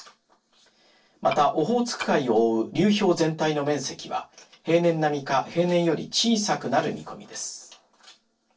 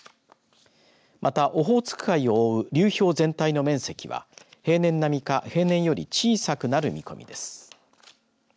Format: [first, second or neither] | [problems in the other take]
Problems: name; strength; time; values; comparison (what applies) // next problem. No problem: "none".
second | noise reduction (neural separator model SepFormer DNS4)